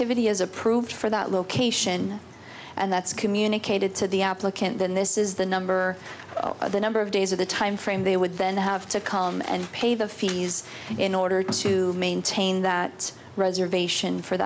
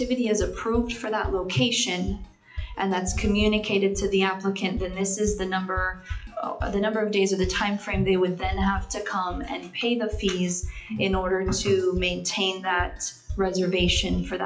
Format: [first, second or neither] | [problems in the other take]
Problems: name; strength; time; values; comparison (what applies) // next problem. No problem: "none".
first | noise reduction (classical method WPE with log-MMSE)